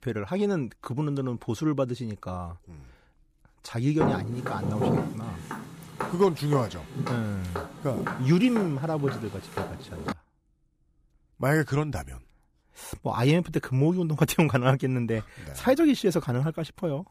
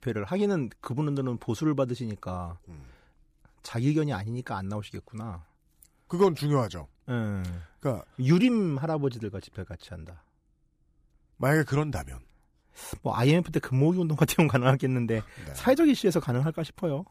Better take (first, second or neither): second